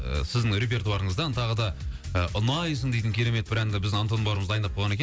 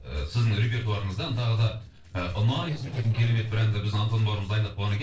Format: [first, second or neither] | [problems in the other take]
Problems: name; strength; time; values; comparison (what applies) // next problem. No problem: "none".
first | noise reduction (neural separator model SepFormer DNS4)